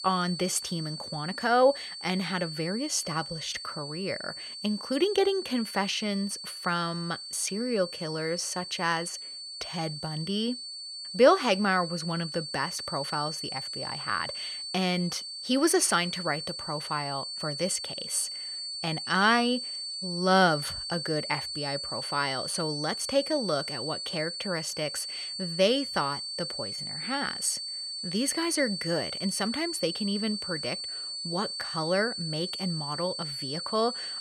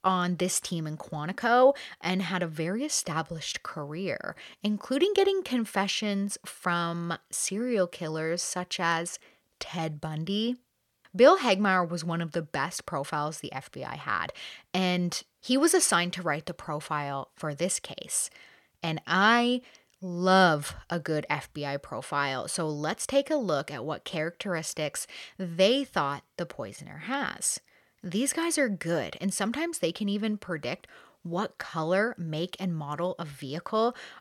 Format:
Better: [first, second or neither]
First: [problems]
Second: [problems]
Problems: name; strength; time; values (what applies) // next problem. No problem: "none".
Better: second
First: high-pitched whine; loud; throughout; 4.5 kHz, 5 dB below the speech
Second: none